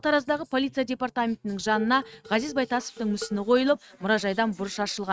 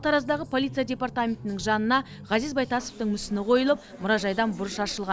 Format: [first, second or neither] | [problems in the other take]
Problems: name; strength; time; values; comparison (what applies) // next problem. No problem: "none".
second | noise reduction (neural mask model RNNoise)